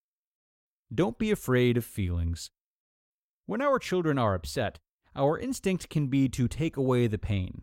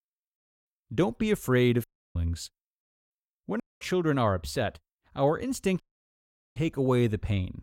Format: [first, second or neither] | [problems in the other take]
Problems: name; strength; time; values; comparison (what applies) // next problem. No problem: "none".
first | audio cutting out; at 2 s, at 3.5 s and at 6 s for 1 s